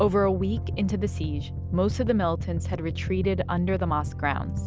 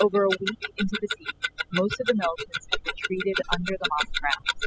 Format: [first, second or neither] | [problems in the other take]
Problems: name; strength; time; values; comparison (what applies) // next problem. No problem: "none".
first | noise reduction (classical method spectral subtraction)